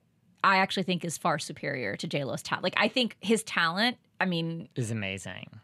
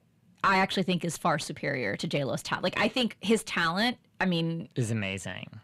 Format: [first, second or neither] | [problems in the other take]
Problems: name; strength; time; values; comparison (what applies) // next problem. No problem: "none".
first | distortion; slight; 10 dB below the speech